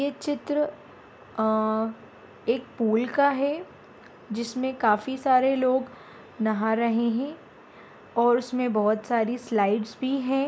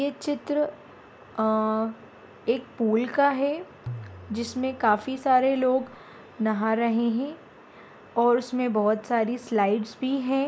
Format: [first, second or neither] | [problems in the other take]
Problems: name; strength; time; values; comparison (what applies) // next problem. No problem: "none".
first | background sound (Tabla); 17 dB below the speech